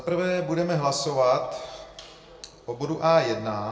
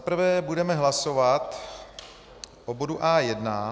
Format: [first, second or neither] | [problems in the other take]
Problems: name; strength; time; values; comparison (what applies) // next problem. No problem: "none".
second | room echo; dies away in 0.6 s